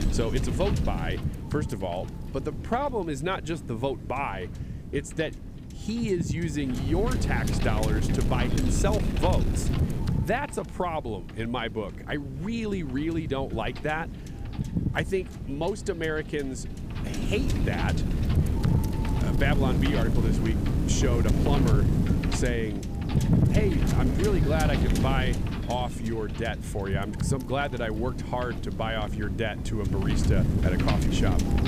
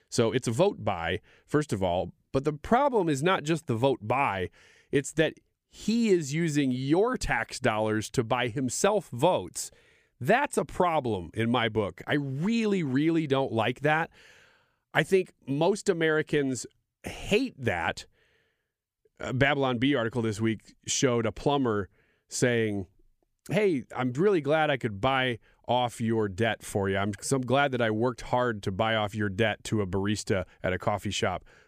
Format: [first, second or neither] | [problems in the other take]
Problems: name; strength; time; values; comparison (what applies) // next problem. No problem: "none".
second | wind noise on the microphone; heavy; 4 dB below the speech